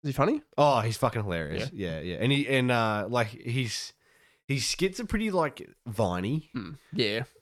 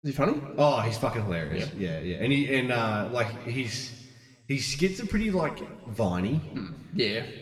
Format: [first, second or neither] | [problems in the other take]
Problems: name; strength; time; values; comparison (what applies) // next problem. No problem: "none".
first | room echo; slight; dies away in 1.3 s